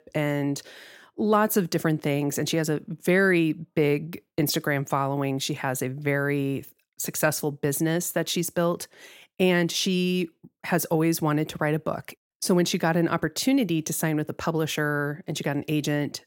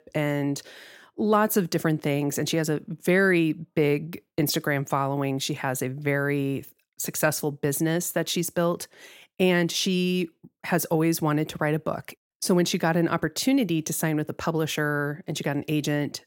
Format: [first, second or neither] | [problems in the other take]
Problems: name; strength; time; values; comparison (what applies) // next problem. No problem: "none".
neither | none